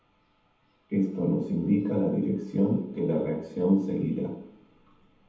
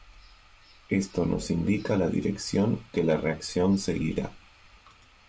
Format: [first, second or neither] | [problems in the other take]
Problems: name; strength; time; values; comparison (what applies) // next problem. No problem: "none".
second | room echo; dies away in 0.8 s